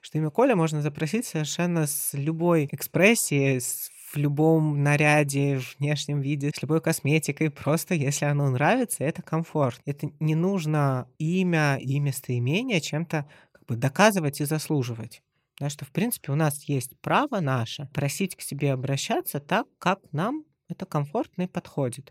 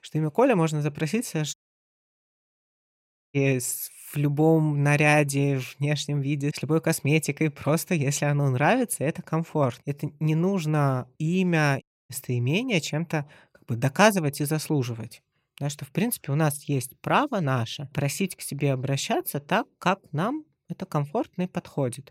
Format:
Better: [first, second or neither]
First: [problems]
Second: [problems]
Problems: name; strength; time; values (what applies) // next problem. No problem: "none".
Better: first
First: none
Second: audio cutting out; at 1.5 s for 2 s and at 12 s